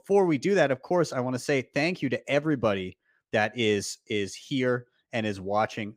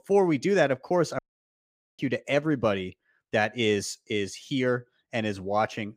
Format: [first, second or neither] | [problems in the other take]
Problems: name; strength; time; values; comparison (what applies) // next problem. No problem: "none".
first | audio cutting out; at 1 s for 1 s